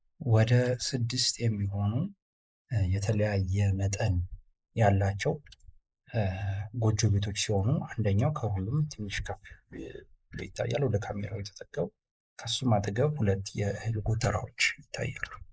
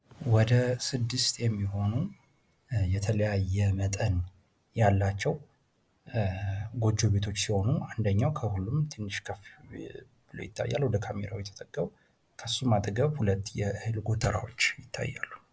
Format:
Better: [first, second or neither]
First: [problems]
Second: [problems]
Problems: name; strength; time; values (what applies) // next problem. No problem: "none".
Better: second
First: noise reduction (neural mask model Resemble Enhance denoiser)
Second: none